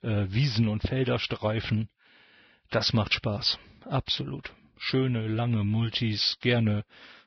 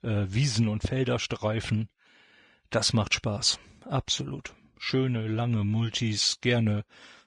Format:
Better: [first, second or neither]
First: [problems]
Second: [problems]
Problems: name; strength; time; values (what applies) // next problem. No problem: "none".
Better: second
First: garbled, watery; badly; nothing above 5.5 kHz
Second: garbled, watery; slightly